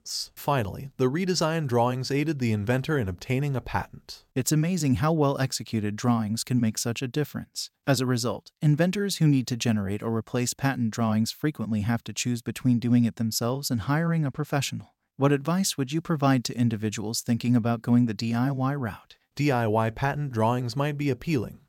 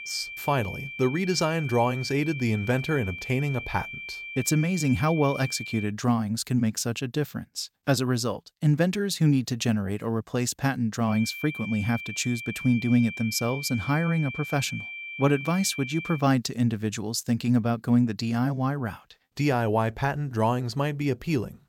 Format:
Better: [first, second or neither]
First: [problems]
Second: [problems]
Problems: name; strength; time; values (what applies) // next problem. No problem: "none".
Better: first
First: none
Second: high-pitched whine; loud; until 6 s and from 11 to 16 s; 2.5 kHz, 9 dB below the speech